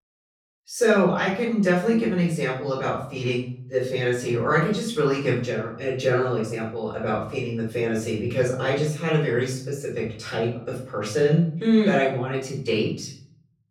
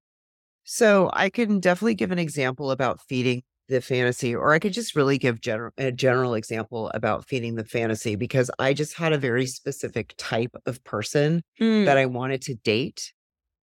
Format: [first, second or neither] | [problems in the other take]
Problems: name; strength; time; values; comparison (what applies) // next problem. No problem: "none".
second | room echo; noticeable; dies away in 0.6 s // off-mic speech; far